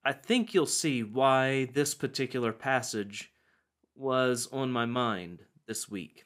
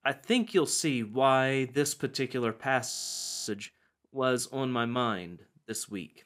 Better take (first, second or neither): first